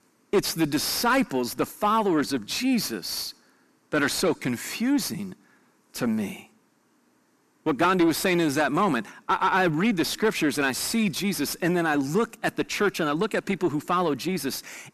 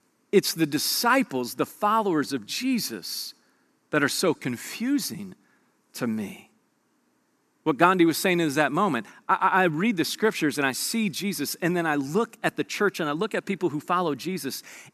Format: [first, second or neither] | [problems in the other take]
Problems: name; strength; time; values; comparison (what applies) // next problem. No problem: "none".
second | distortion; slight; 10 dB below the speech